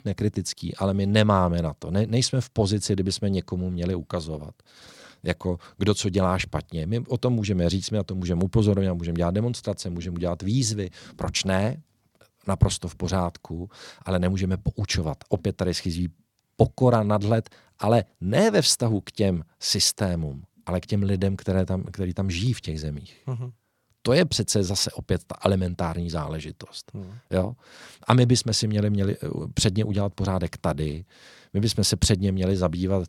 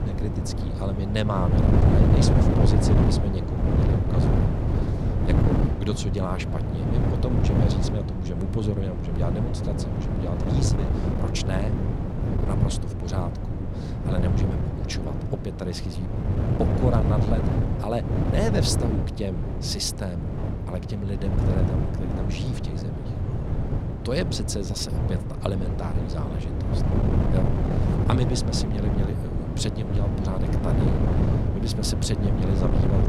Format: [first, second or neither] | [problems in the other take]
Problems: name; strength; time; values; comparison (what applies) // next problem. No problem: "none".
first | wind noise on the microphone; heavy; as loud as the speech